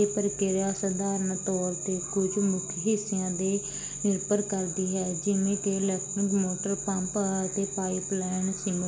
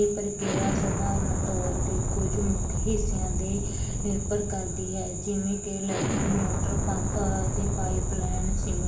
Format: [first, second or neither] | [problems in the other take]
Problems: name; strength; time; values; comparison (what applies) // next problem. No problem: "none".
first | background sound (Explosion); 2 dB above the speech // room echo; dies away in 0.7 s